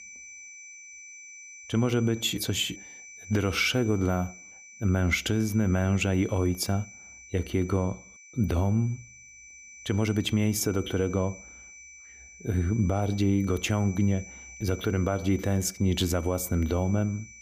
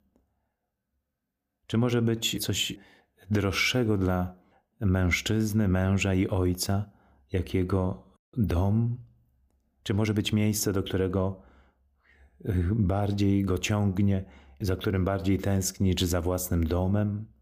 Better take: second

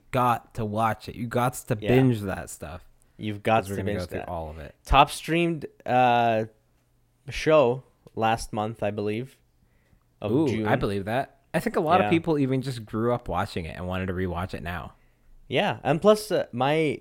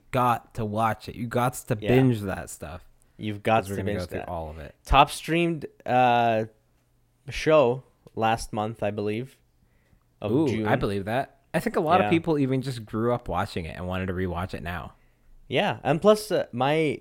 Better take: neither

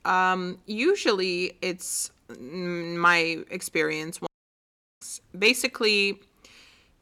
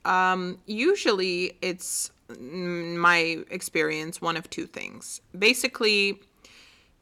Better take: second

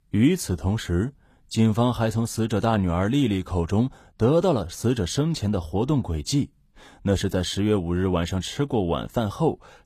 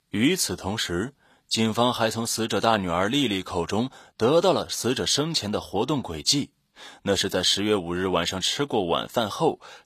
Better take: first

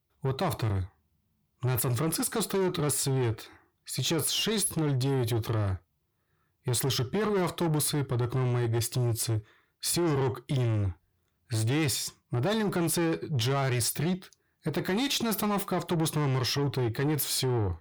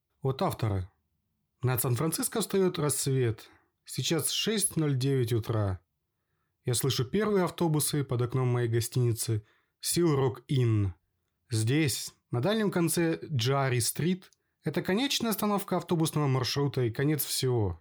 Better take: second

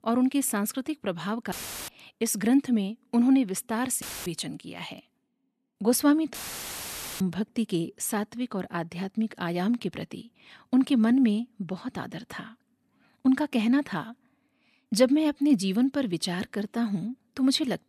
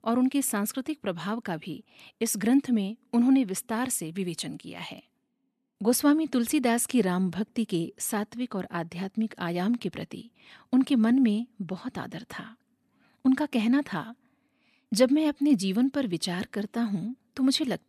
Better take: second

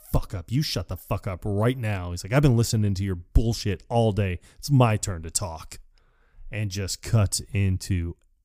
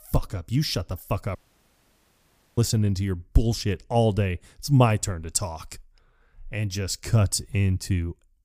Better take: first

